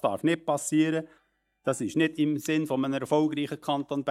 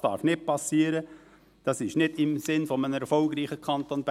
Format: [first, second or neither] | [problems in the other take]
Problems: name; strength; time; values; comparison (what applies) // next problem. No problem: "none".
second | noise reduction (neural mask model DeepFilterNet 3)